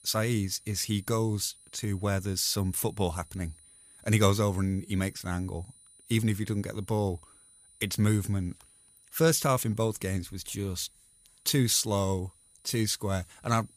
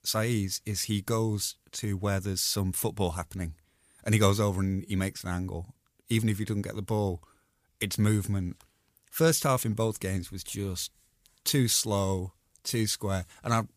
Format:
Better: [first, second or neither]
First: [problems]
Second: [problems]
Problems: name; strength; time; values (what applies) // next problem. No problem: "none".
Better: second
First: high-pitched whine; faint; throughout; 9.5 kHz, 25 dB below the speech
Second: none